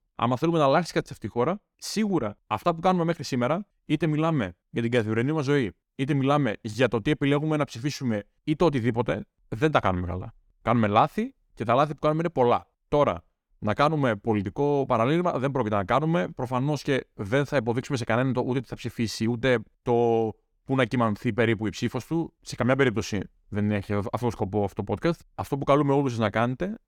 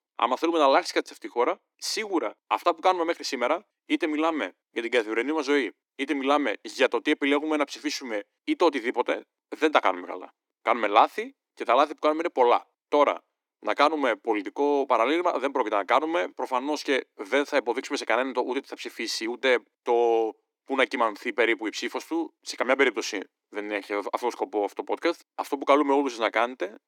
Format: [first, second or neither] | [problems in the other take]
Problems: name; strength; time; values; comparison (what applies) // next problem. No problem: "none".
first | thin; somewhat; fading below 300 Hz